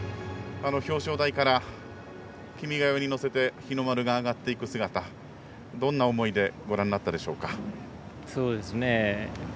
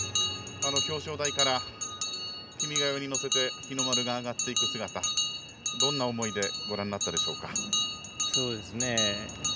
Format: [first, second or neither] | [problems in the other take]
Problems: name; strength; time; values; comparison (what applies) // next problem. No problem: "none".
first | background sound (Bell); 3 dB above the speech